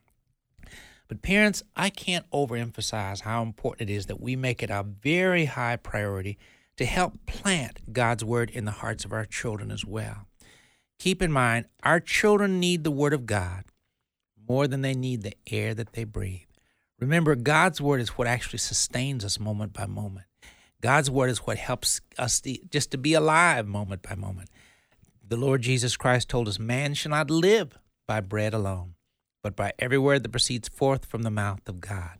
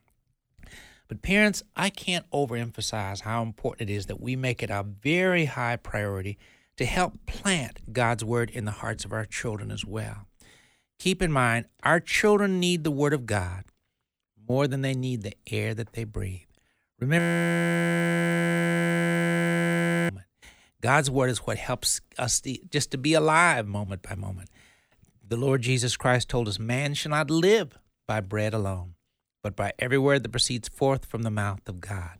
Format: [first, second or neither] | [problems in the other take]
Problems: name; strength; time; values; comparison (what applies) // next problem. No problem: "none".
first | audio freezing; at 17 s for 3 s